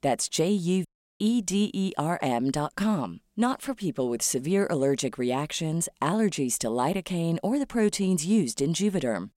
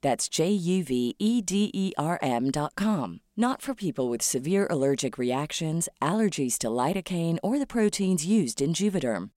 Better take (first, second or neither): second